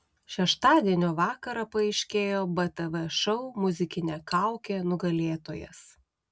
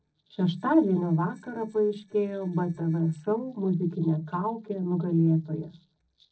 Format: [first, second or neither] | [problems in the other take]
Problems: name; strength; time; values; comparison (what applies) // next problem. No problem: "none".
first | noise reduction (neural separator model SepFormer DNS4)